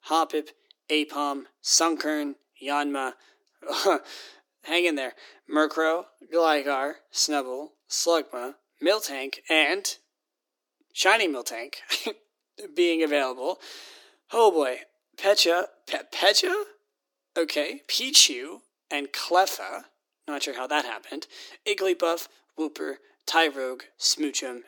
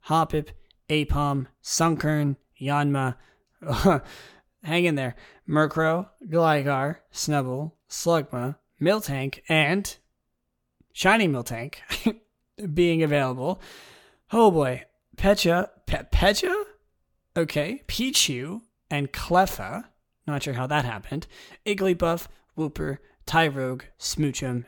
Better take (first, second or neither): second